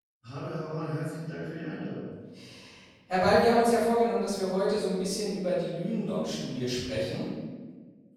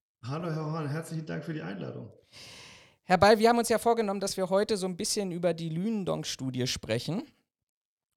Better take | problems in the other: second | off-mic speech; far // room echo; strong; dies away in 1.3 s

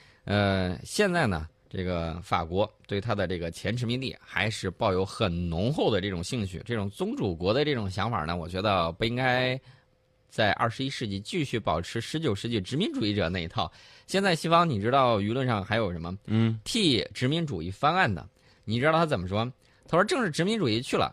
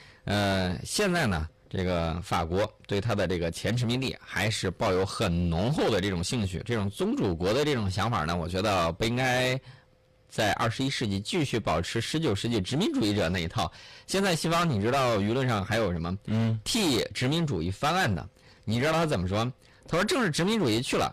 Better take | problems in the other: first | distortion; heavy; 17% of the sound clipped

